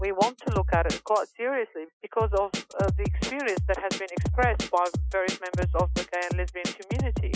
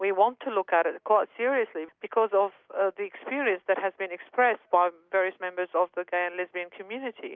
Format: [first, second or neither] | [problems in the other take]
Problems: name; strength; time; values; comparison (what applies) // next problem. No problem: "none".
second | noise reduction (classical method Wiener filter)